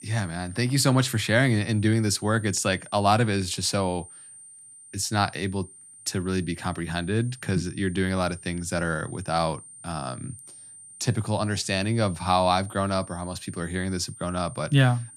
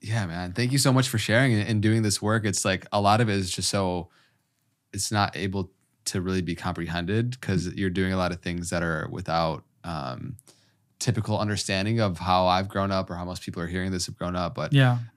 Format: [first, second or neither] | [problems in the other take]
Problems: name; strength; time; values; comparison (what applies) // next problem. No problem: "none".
second | high-pitched whine; noticeable; throughout; 9 kHz, 20 dB below the speech